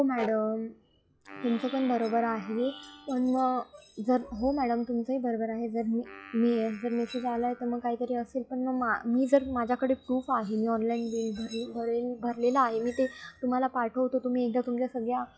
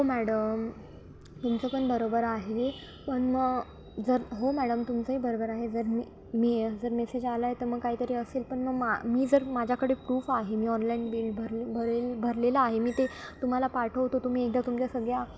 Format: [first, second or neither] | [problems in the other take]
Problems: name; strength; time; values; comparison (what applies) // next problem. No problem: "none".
second | noise reduction (classical method log-MMSE)